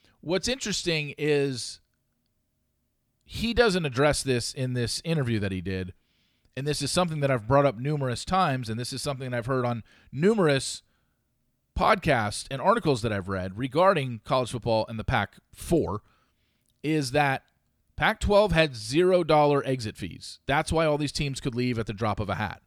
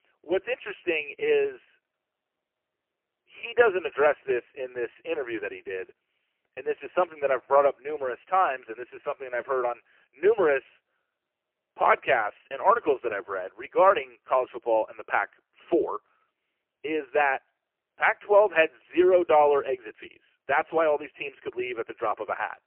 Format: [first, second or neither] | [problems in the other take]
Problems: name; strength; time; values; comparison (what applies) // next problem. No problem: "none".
first | phone-call audio; poor line; nothing above 3 kHz